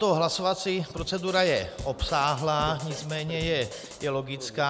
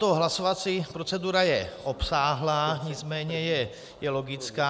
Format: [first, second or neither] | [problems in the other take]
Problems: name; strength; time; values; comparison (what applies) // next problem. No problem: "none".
second | background sound (Drum kit); 14 dB below the speech